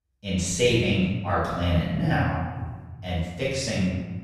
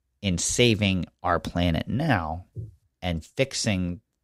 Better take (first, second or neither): second